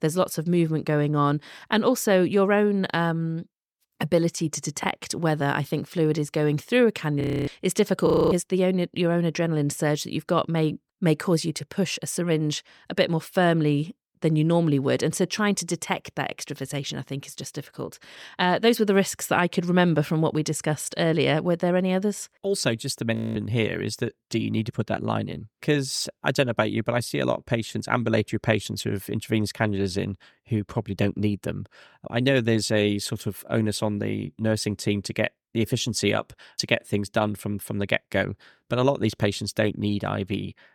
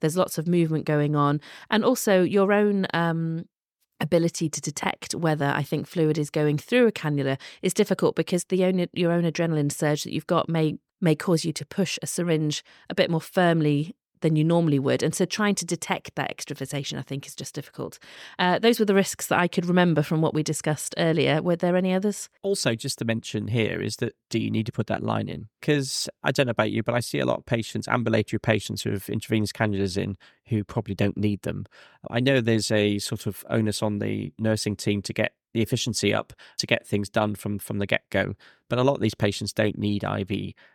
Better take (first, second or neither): second